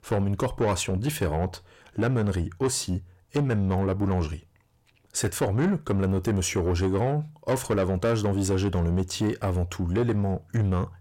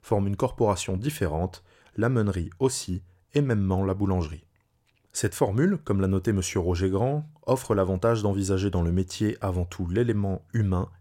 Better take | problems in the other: second | distortion; slight; 10 dB below the speech

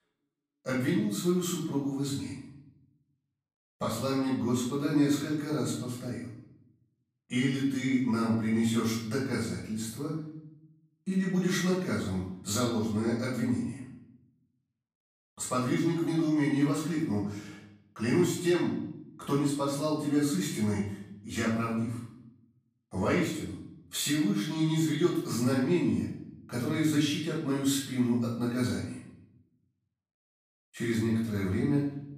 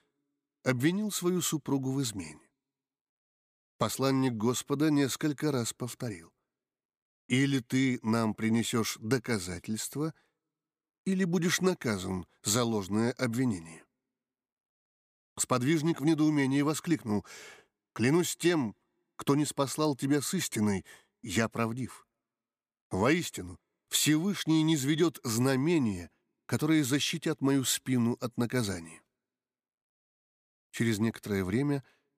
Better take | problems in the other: second | off-mic speech; far // room echo; noticeable; dies away in 0.7 s

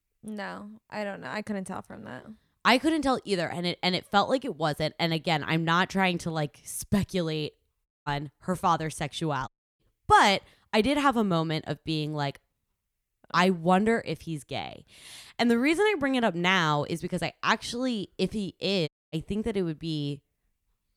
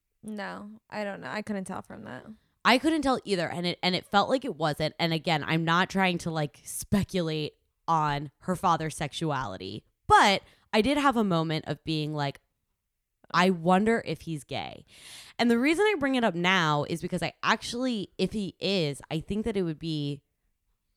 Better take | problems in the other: second | audio cutting out; at 8 s, at 9.5 s and at 19 s

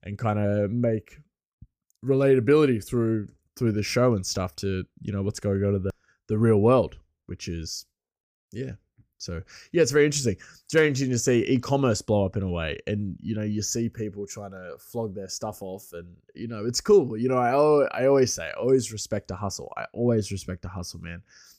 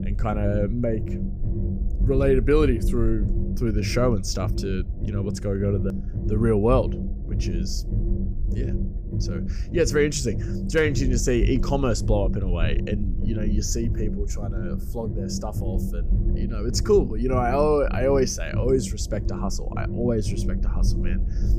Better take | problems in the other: first | low rumble; noticeable; throughout; 15 dB below the speech

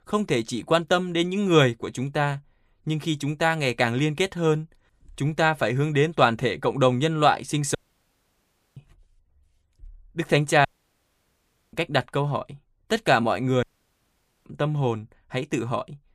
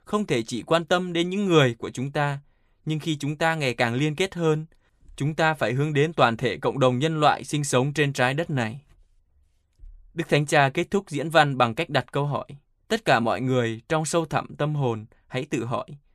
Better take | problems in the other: second | audio cutting out; at 8 s for 1 s, at 11 s for 1 s and at 14 s for 1 s

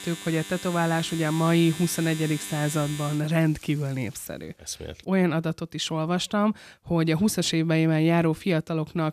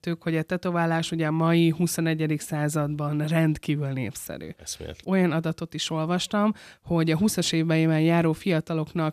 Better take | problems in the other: second | household noises; noticeable; until 4.5 s; 10 dB below the speech

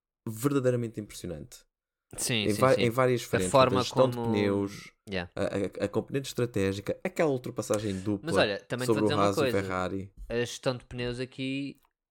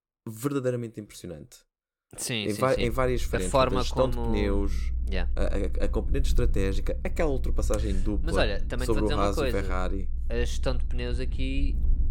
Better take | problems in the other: first | low rumble; faint; from 3 s on; 20 dB below the speech

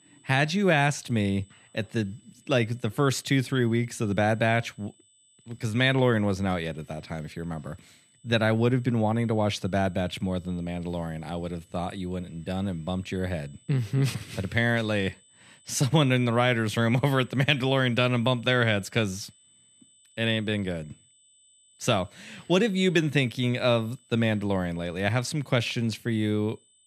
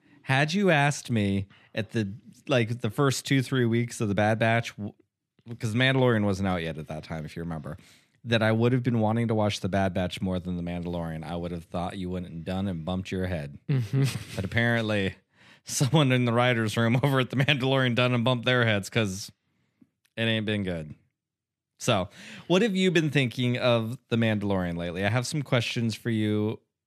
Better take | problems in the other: second | high-pitched whine; faint; throughout; 8 kHz, 30 dB below the speech

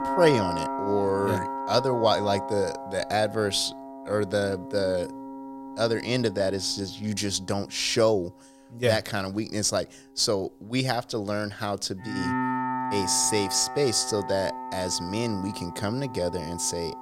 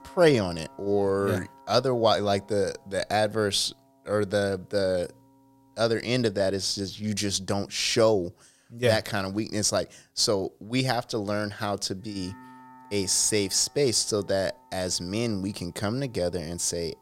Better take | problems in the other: second | background music; loud; throughout; 7 dB below the speech; faint in the second

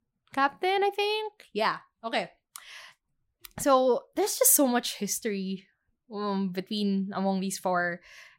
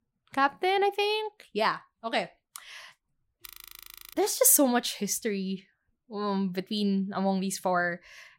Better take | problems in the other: first | audio freezing; at 3.5 s for 0.5 s

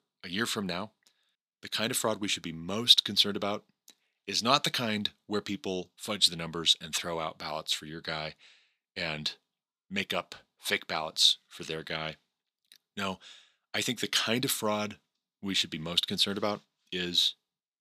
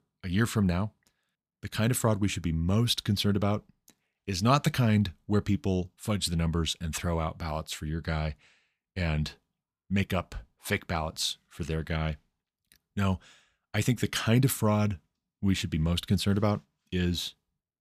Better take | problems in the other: second | thin; somewhat; fading below 300 Hz

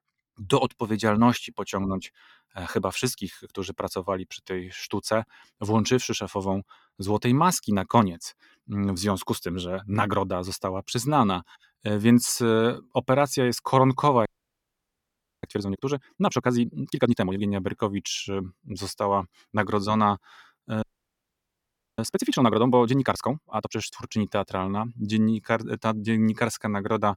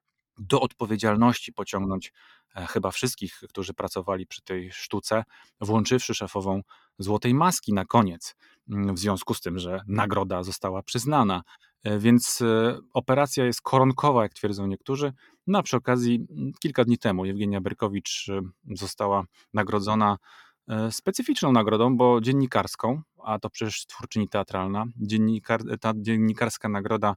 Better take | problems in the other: second | audio freezing; at 14 s for 1 s and at 21 s for 1 s

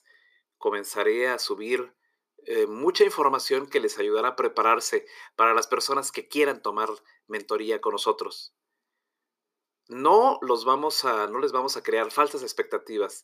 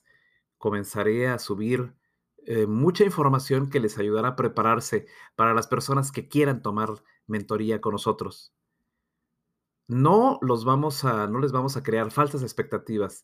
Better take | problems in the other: second | thin; very; fading below 350 Hz

